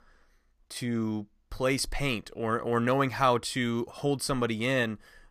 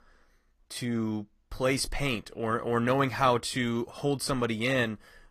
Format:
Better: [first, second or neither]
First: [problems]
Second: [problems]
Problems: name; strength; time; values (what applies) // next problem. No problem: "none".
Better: first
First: none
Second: garbled, watery; slightly; nothing above 14.5 kHz